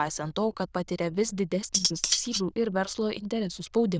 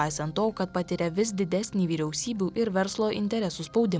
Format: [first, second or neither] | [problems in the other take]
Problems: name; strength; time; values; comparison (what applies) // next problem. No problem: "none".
second | noise reduction (neural diffusion model UNIVERSE++)